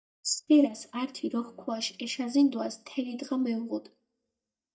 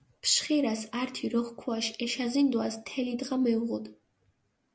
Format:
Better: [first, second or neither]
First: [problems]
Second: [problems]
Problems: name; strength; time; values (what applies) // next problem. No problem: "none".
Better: second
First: noise reduction (neural mask model DeepFilterNet 3)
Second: none